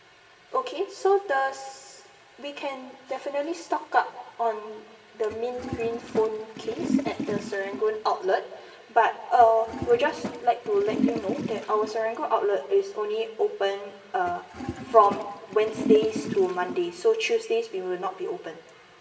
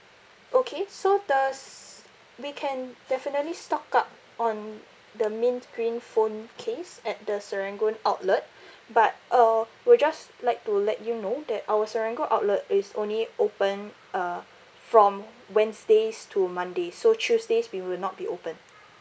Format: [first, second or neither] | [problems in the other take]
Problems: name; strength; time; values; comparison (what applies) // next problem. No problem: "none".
second | background sound (Toilet flush); 7 dB below the speech // room echo; dies away in 2.3 s